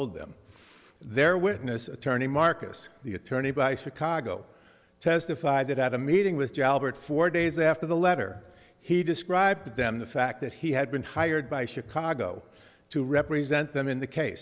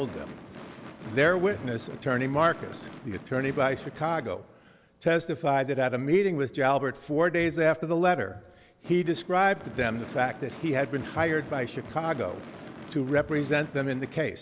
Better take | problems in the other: first | background sound (Gunshot, gunfire / Fireworks); 17 dB below the speech

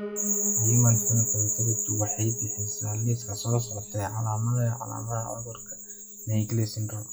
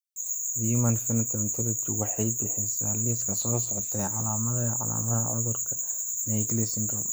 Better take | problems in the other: second | noise reduction (classical method log-MMSE)

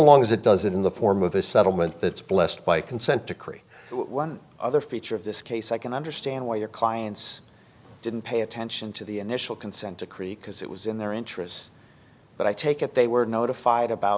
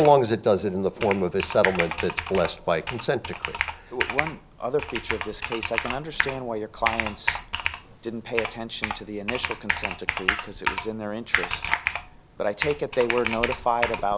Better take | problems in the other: first | background sound (Computer keyboard); 4 dB below the speech

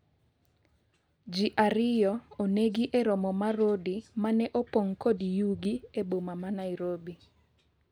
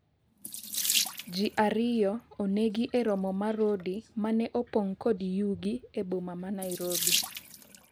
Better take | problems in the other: first | background sound (Sink (filling or washing) / Water tap, faucet); 7 dB below the speech

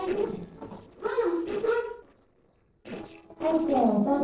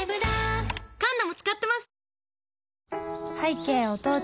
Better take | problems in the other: second | noise reduction (neural separator model SepFormer DNS4)

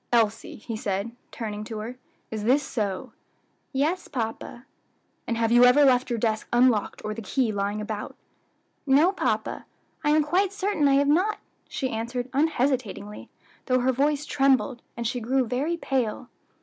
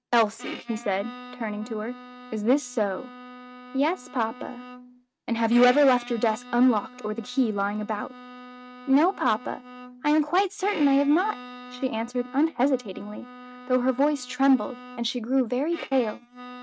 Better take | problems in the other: first | noise reduction (neural mask model RNNoise)

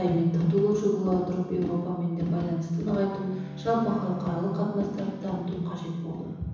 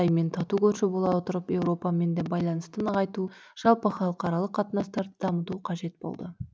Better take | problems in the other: second | background sound (Bowed string instrument); 18 dB below the speech // room echo; dies away in 1.1 s

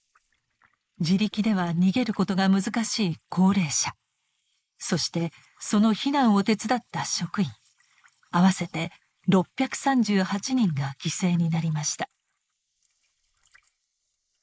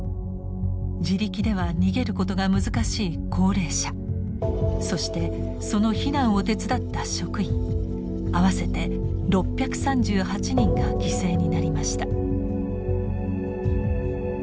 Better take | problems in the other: second | noise reduction (neural mask model Resemble Enhance denoiser)

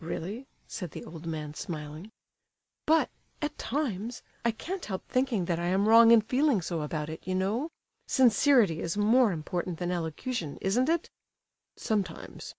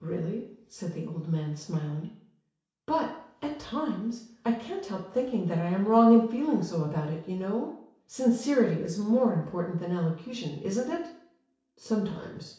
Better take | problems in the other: first | room echo; dies away in 0.6 s

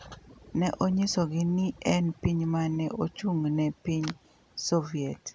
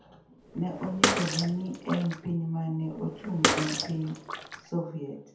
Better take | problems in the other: first | background sound (Bathtub (filling or washing) / Water / Splash, splatter); as loud as the speech // room echo; dies away in 0.5 s

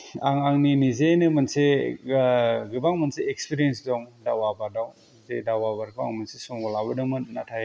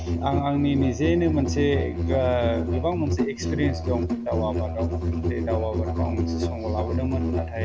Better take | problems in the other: first | background sound (Musical instrument); 1 dB above the speech

